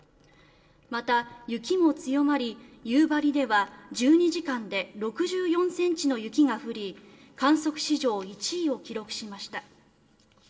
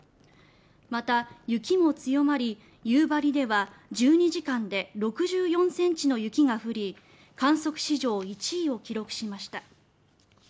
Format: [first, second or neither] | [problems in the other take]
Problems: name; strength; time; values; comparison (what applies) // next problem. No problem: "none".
second | room echo; dies away in 0.8 s